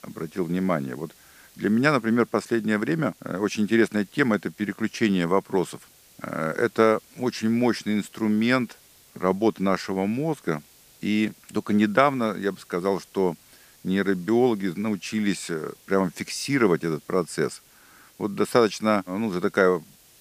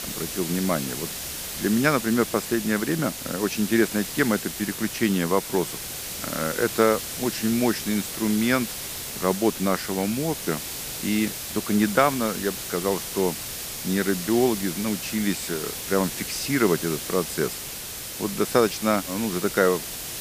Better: first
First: hiss; faint; throughout; 25 dB below the speech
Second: hiss; loud; throughout; 6 dB below the speech

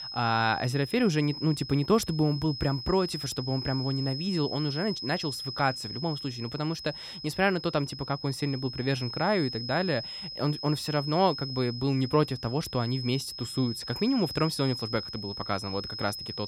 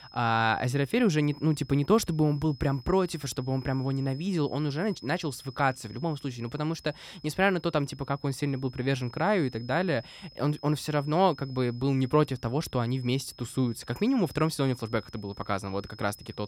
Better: second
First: high-pitched whine; loud; throughout; 5 kHz, 7 dB below the speech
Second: high-pitched whine; faint; throughout; 5 kHz, 20 dB below the speech

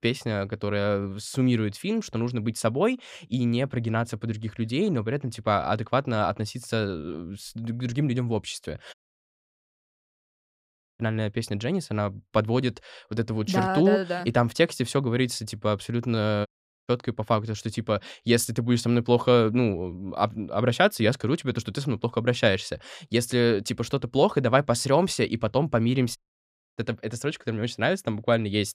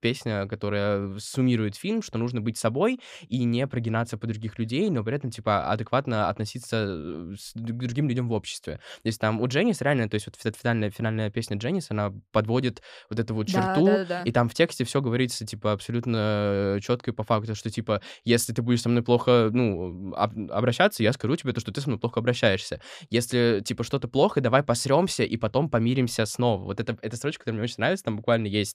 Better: second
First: audio cutting out; at 9 s for 2 s, at 16 s and at 26 s for 0.5 s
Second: none

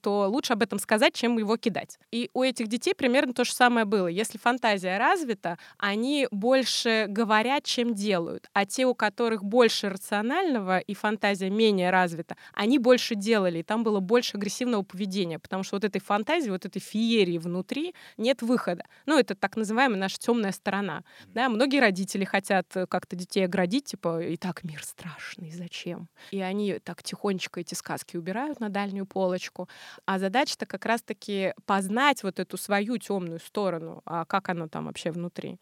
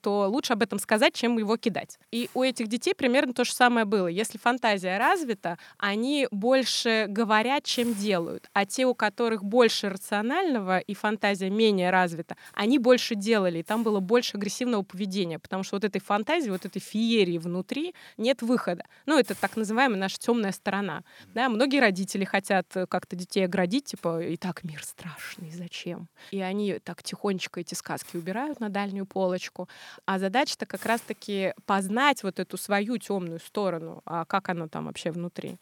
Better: first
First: none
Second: hiss; faint; throughout; 25 dB below the speech

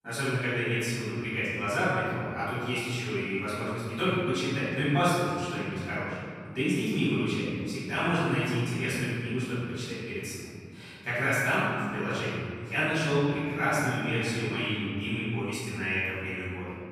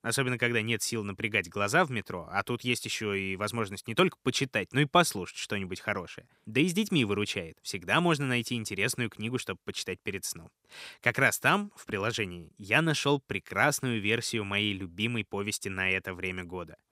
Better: second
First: room echo; strong; dies away in 2.8 s // off-mic speech; far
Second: none

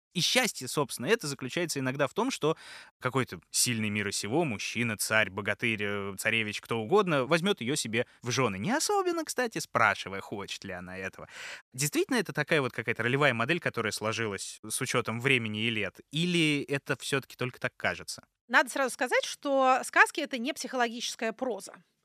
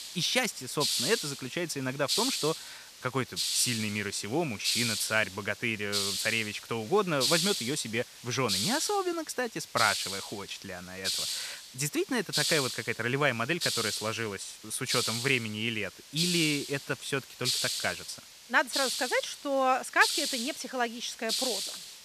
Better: first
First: none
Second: hiss; loud; throughout; as loud as the speech

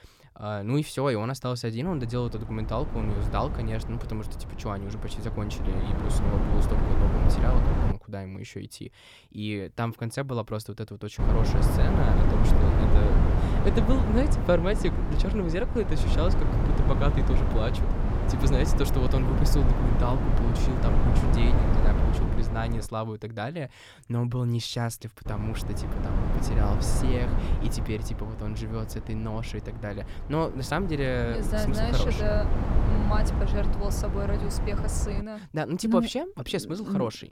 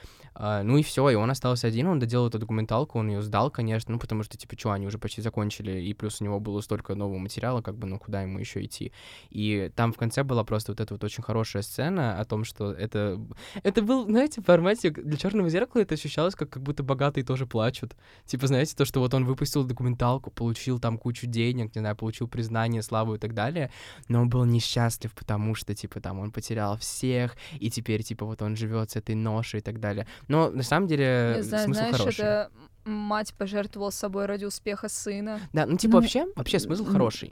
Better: second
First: wind noise on the microphone; heavy; from 2 to 8 s, from 11 to 23 s and from 25 to 35 s; 2 dB below the speech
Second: none

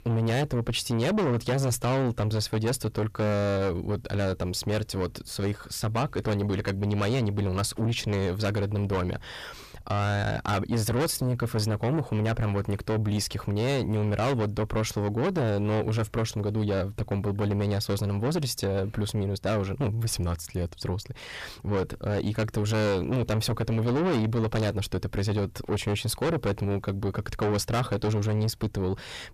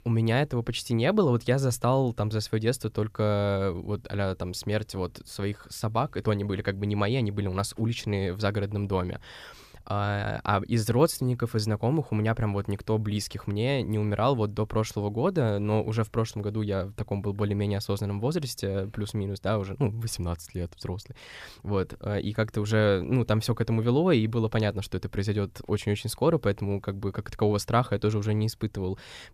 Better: second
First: distortion; heavy; 7 dB below the speech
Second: none

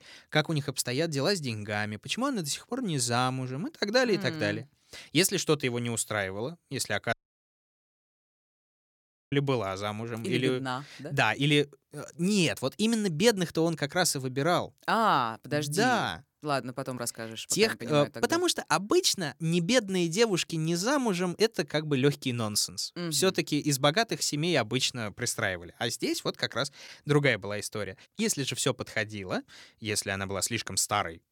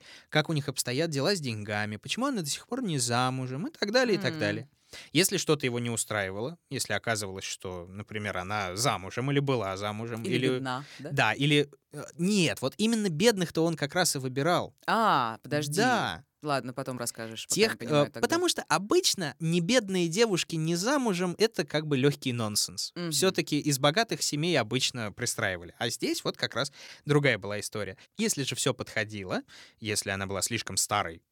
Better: second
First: audio cutting out; at 7 s for 2 s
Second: none

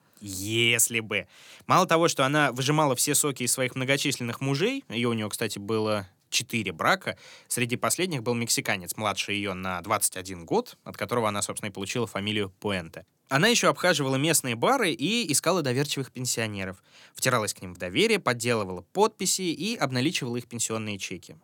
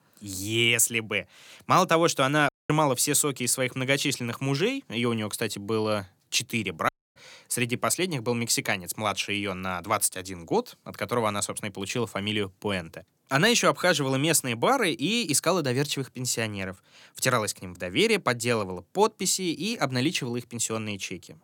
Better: first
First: none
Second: audio cutting out; at 2.5 s and at 7 s

